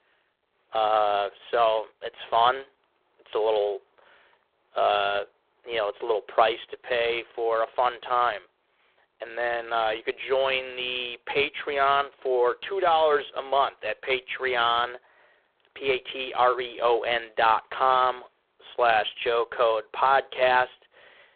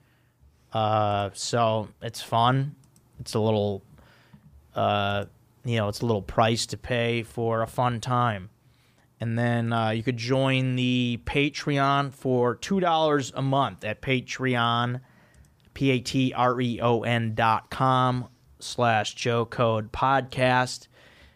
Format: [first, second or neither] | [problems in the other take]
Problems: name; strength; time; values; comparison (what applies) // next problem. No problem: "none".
second | phone-call audio; poor line